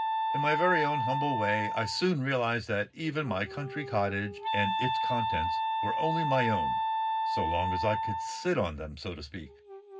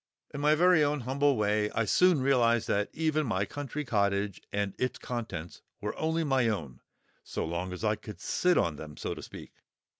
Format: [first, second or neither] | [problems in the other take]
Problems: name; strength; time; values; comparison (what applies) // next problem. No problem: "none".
second | background sound (Wind instrument, woodwind instrument); as loud as the speech // room echo; dies away in 0.4 s